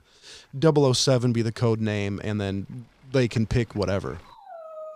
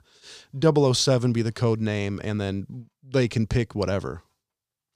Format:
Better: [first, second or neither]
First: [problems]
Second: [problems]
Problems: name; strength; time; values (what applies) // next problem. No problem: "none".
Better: second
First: animal sounds; faint; throughout; 25 dB below the speech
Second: none